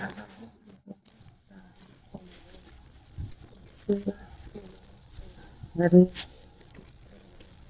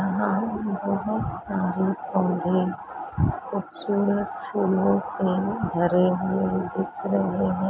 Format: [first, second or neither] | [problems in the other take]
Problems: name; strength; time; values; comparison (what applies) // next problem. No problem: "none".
second | noise reduction (neural mask model DeepFilterNet 3)